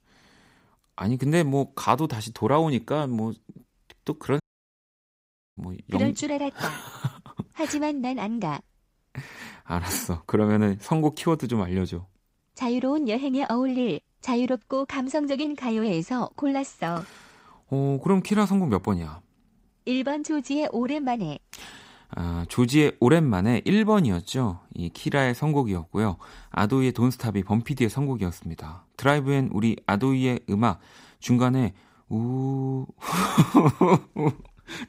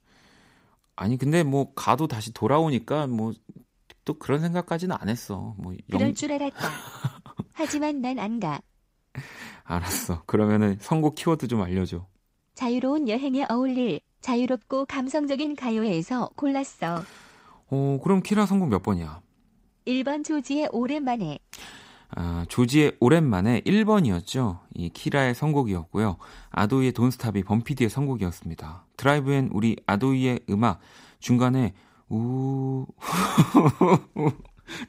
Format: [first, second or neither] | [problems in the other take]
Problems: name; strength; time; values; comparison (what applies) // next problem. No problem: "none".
second | audio cutting out; at 4.5 s for 1 s